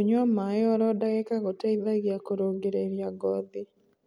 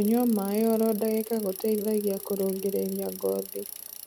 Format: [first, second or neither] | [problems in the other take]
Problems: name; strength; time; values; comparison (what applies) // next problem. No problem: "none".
first | background sound (Bicycle); 14 dB below the speech